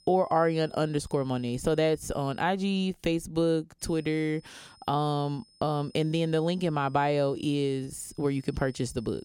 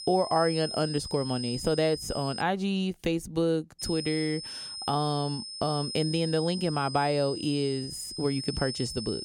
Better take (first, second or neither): first